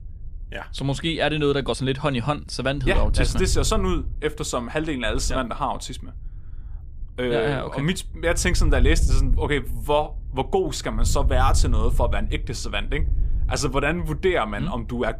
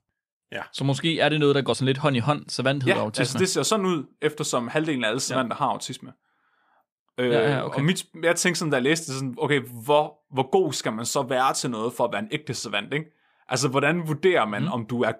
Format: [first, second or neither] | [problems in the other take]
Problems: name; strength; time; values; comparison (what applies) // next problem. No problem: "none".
second | wind noise on the microphone; occasional gusts; 20 dB below the speech